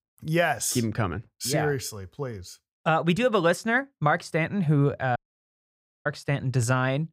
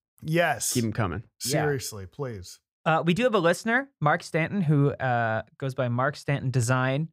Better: second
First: audio cutting out; at 5 s for 1 s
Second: none

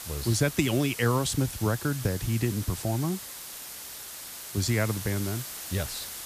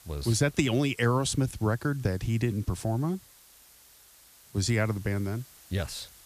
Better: second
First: hiss; loud; throughout; 9 dB below the speech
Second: hiss; faint; throughout; 25 dB below the speech

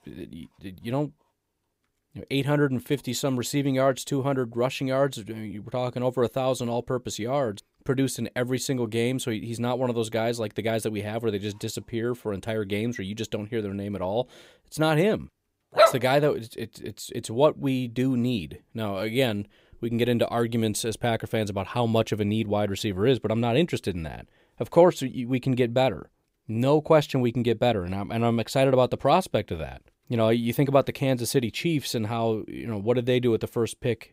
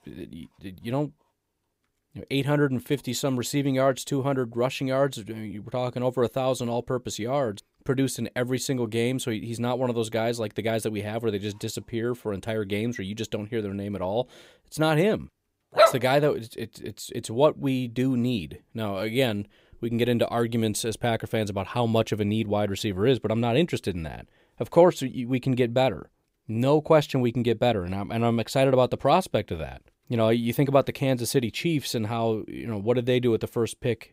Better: neither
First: dog barking; loud; at 16 s; peak 6 dB above the speech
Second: dog barking; loud; at 16 s; peak 6 dB above the speech

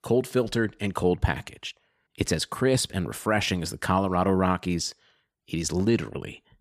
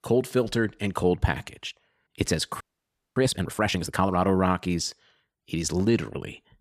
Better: first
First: none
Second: audio freezing; at 2.5 s for 0.5 s

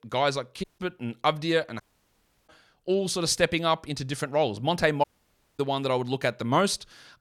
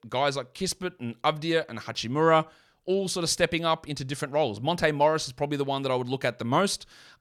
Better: second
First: audio cutting out; at 0.5 s, at 2 s for 0.5 s and at 5 s for 0.5 s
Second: none

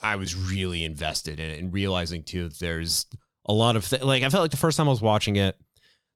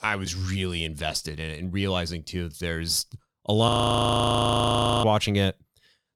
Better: first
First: none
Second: audio freezing; at 3.5 s for 1.5 s

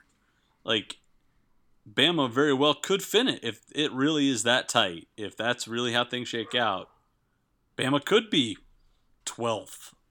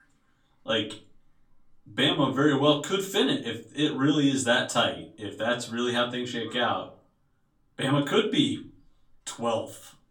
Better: first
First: none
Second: off-mic speech; far // room echo; very slight; dies away in 0.3 s

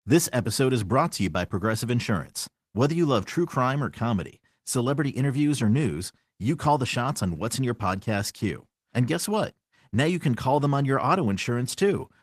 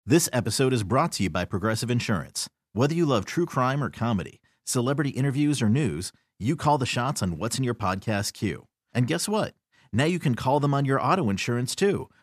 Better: second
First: garbled, watery; slightly; nothing above 14.5 kHz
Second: none

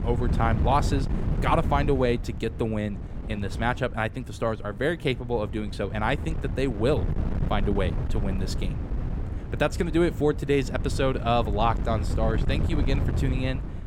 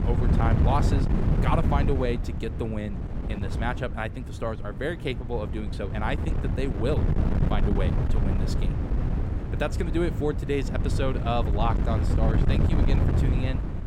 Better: first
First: wind noise on the microphone; occasional gusts; 10 dB below the speech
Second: wind noise on the microphone; heavy; 5 dB below the speech

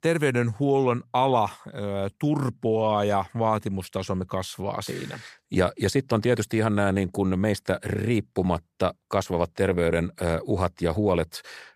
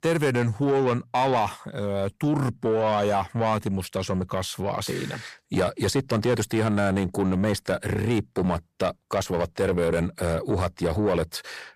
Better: first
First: none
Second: distortion; slight; 10 dB below the speech

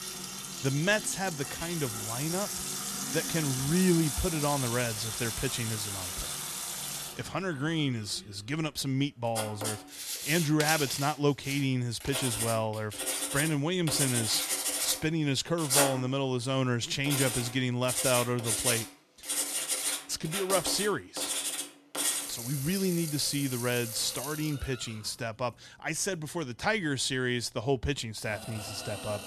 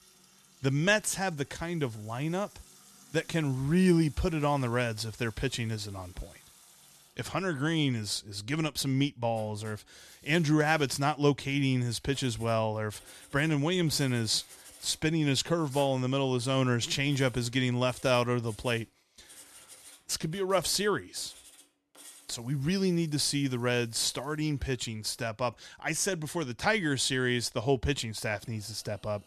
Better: second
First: household noises; loud; throughout; 2 dB below the speech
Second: household noises; faint; throughout; 25 dB below the speech

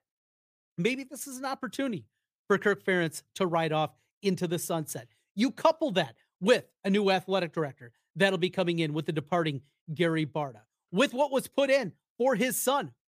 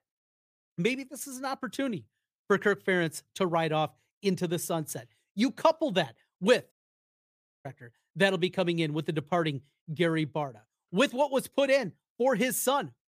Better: first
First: none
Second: audio cutting out; at 6.5 s for 1 s

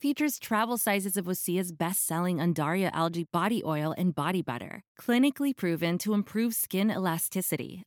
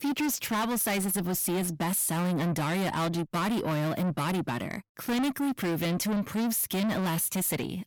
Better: first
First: none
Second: distortion; heavy; 6 dB below the speech

